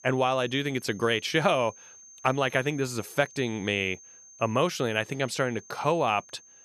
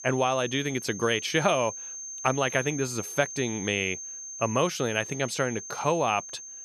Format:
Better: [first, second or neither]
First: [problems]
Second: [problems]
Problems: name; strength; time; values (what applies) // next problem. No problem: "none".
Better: first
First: high-pitched whine; faint; throughout; 6.5 kHz, 20 dB below the speech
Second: high-pitched whine; loud; throughout; 6.5 kHz, 9 dB below the speech